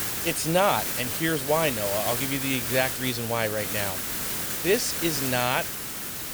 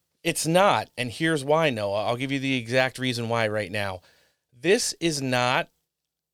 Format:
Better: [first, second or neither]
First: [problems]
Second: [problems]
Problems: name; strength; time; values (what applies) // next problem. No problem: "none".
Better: second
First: hiss; loud; throughout; as loud as the speech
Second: none